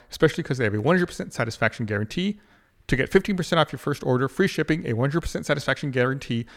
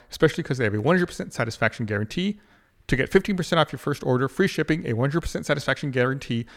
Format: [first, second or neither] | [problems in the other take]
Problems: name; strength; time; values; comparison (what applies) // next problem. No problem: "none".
neither | none